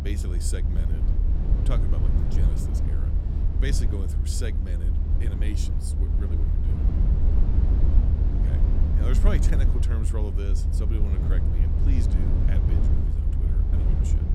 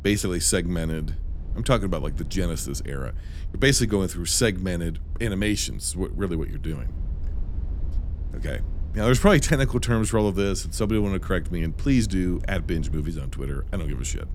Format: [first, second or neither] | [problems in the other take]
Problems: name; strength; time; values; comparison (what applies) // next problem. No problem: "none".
second | low rumble; loud; throughout; as loud as the speech; faint in the second